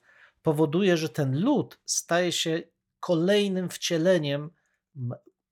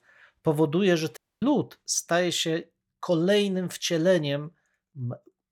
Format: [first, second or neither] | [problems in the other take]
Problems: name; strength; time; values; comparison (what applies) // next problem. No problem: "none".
first | audio cutting out; at 1 s